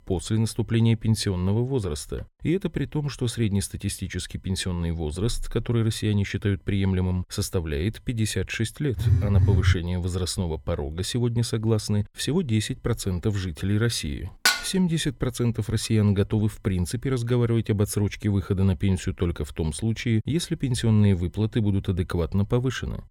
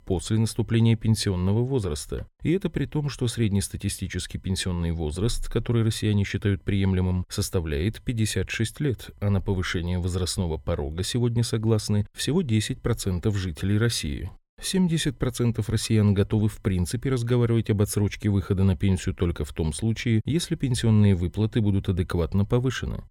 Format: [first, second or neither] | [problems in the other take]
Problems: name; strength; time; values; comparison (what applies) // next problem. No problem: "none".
second | phone ringing; loud; at 9 s; peak 5 dB above the speech // clattering dishes; loud; at 14 s; peak 4 dB above the speech